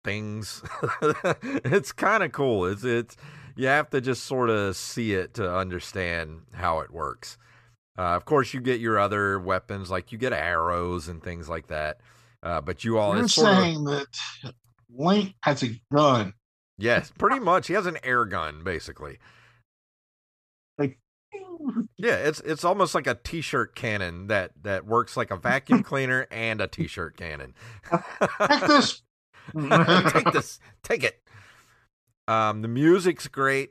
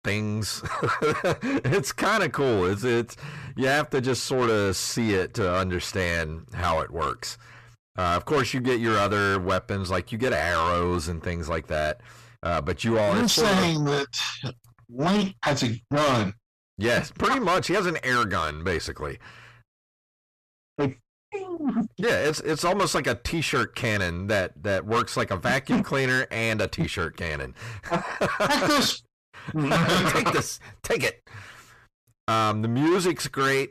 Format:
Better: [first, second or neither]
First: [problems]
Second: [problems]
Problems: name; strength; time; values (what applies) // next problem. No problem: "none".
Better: first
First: none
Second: distortion; heavy; 6 dB below the speech